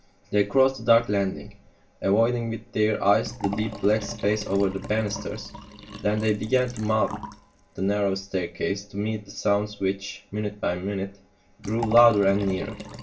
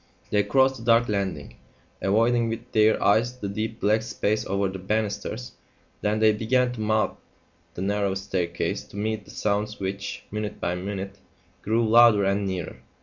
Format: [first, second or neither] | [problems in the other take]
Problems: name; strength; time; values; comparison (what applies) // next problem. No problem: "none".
second | background sound (Liquid); 15 dB below the speech // room echo; dies away in 0.2 s